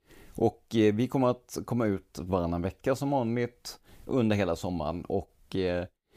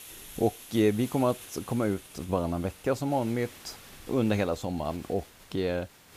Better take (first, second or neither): first